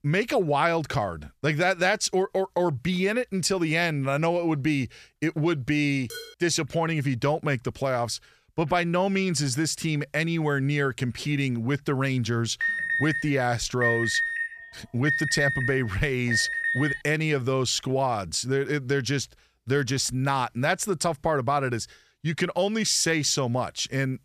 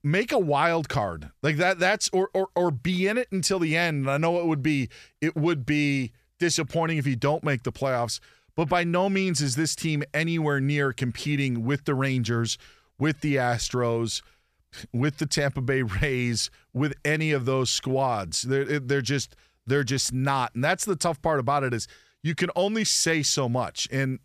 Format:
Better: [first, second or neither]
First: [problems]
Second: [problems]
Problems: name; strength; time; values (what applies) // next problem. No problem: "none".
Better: second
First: clattering dishes; faint; at 6 s; peak 15 dB below the speech // alarm; loud; from 13 to 17 s; peak 2 dB above the speech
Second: none